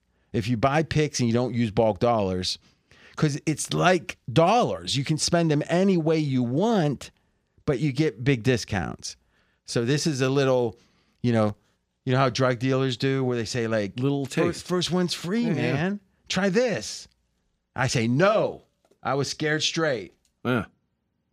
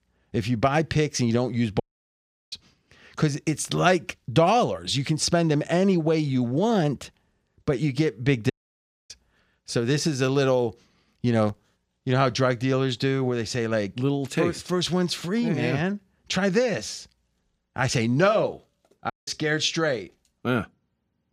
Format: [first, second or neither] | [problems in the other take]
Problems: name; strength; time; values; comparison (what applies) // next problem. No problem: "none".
first | audio cutting out; at 2 s for 0.5 s, at 8.5 s for 0.5 s and at 19 s